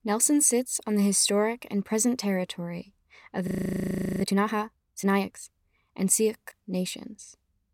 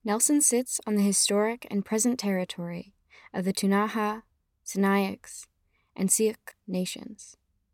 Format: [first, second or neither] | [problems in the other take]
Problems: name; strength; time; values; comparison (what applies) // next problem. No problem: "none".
second | audio freezing; at 3.5 s for 0.5 s